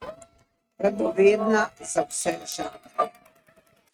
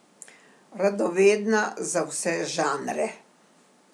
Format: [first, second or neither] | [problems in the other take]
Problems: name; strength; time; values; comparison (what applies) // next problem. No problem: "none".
second | noise reduction (neural mask model RNNoise)